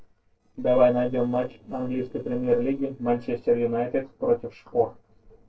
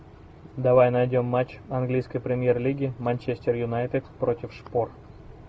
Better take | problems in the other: second | noise reduction (neural separator model SepFormer DNS4)

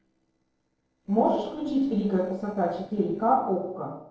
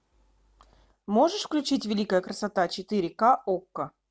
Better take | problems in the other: second | noise reduction (neural separator model SepFormer DNS4)

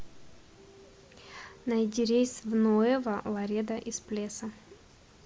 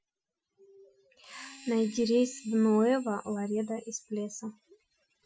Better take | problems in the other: first | noise reduction (classical method Wiener filter)

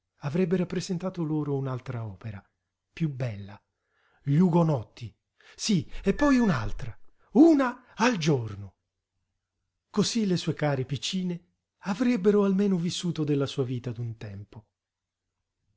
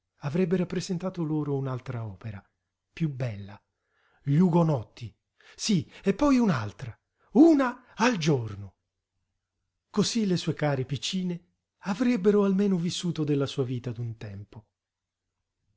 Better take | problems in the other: second | background sound (Squeak / Screech); 8 dB below the speech

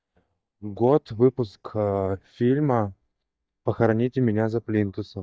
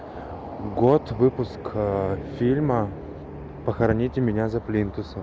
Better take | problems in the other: second | noise reduction (neural mask model DeepFilterNet 3)

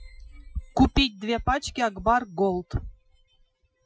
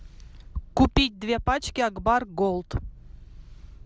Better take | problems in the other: second | noise reduction (classical method Wiener filter)

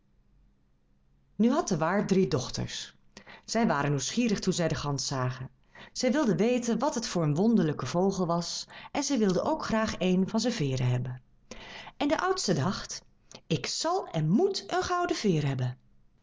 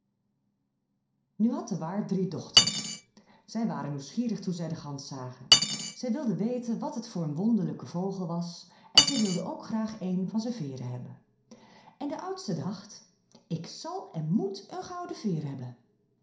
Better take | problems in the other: first | background sound (Cutlery, silverware); 3 dB above the speech // room echo; dies away in 0.5 s

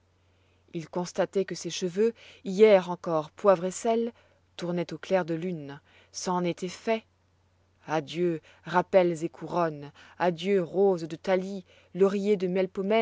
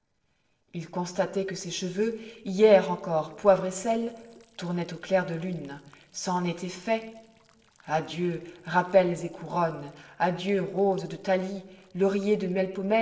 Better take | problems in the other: first | noise reduction (neural separator model SepFormer DNS4)

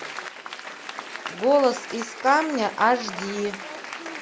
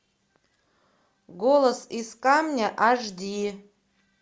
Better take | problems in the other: second | background sound (Applause / Crowd); 10 dB below the speech

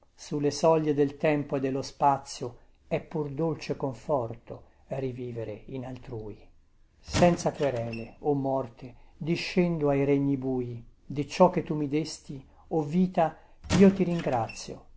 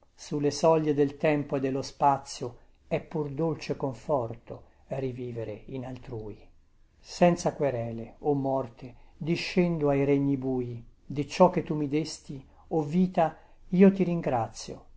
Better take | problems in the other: second | background sound (Squeak / Wood); 8 dB below the speech

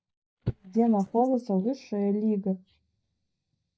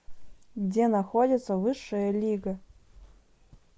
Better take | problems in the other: second | noise reduction (neural mask model DeepFilterNet 3)

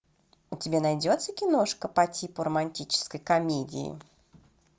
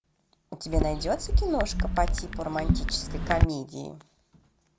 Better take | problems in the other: first | background sound (Chatter / Chirp, tweet / Car passing by / Typing); 4 dB above the speech

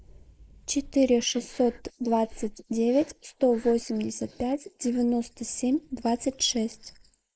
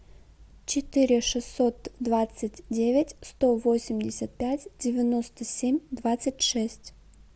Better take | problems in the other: second | noise reduction (neural mask model Resemble Enhance denoiser)

